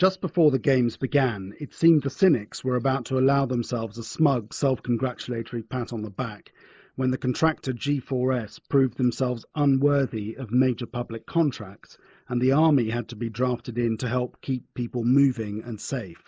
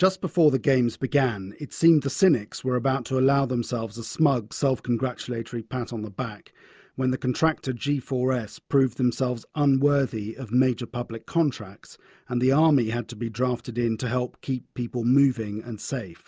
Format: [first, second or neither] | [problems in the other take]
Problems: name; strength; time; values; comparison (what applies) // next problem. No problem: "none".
second | noise reduction (neural mask model Resemble Enhance denoiser)